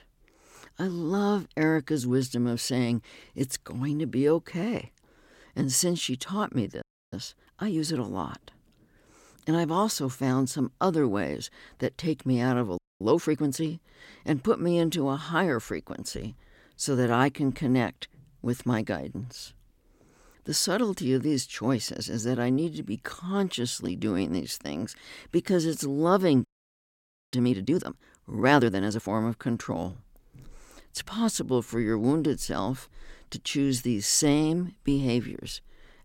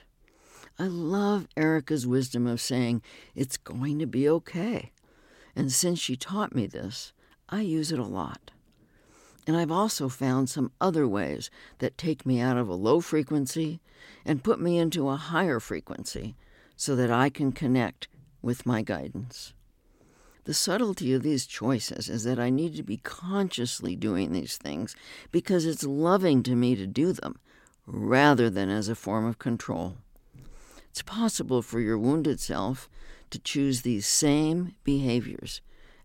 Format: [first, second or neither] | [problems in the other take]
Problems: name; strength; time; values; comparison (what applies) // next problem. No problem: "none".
second | audio freezing; at 7 s, at 13 s and at 26 s for 1 s